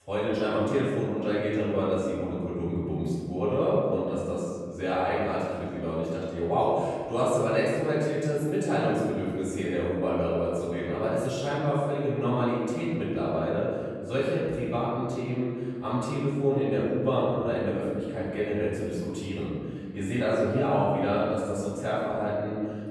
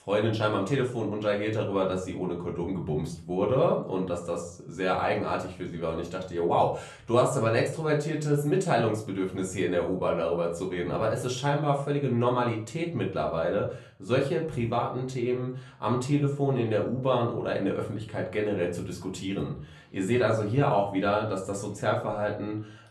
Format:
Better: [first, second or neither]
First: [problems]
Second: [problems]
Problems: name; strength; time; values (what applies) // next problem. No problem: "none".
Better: second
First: room echo; strong; dies away in 2.1 s // off-mic speech; far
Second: room echo; slight; dies away in 0.4 s // off-mic speech; far